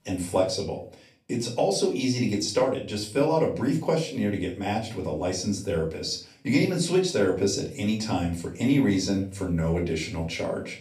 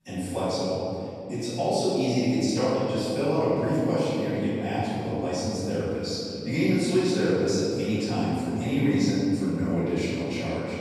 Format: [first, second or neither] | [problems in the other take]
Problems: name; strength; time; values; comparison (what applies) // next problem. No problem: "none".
first | room echo; strong; dies away in 2.8 s; slight in the first // off-mic speech; far; far in the first